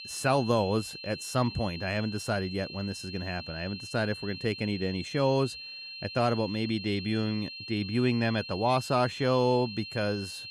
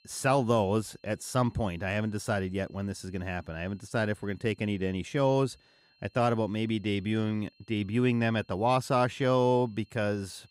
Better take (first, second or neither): second